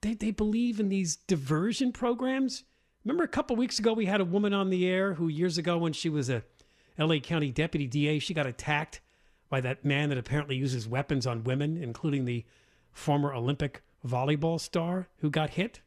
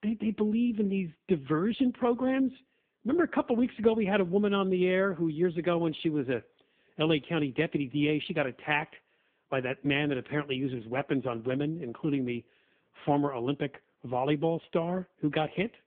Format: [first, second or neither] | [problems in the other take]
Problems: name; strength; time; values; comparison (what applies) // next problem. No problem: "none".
first | phone-call audio; poor line